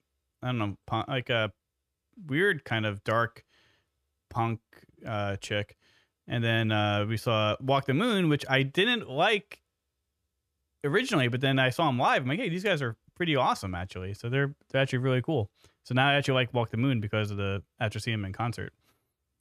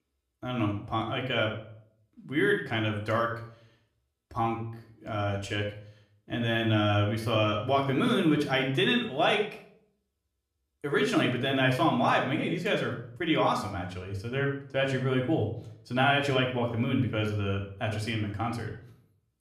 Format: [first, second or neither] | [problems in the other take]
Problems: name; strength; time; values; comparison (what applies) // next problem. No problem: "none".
first | room echo; slight; dies away in 0.5 s // off-mic speech; somewhat distant